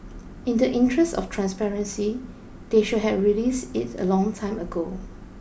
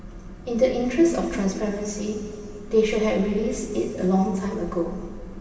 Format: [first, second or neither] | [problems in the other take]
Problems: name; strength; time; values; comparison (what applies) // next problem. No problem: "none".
first | room echo; dies away in 2.4 s